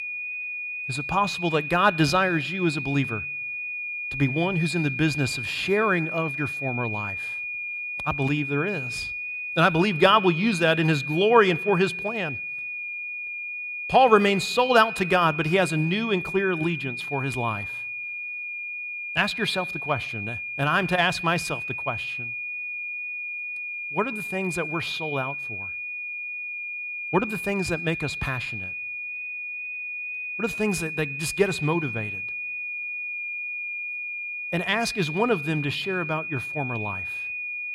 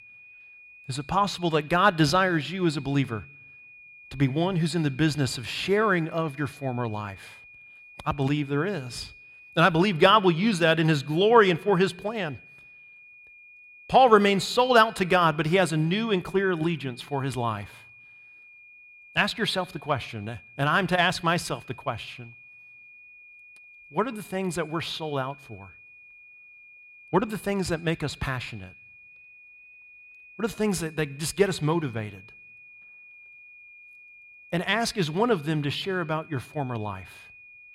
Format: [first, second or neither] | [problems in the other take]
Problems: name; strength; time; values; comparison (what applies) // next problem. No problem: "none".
second | high-pitched whine; loud; throughout; 2.5 kHz, 5 dB below the speech; faint in the second